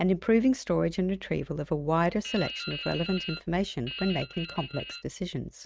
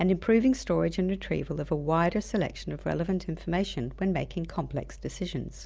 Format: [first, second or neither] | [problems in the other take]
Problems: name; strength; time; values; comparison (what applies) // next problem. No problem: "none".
second | noise reduction (neural mask model RNNoise)